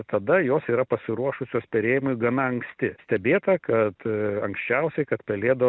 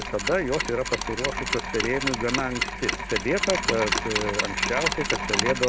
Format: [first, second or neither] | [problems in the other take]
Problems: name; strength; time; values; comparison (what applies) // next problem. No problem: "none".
first | background sound (Mechanisms); 1 dB below the speech